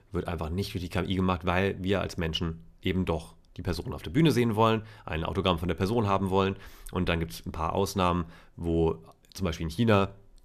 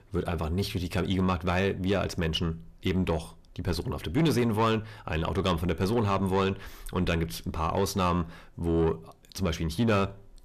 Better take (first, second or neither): first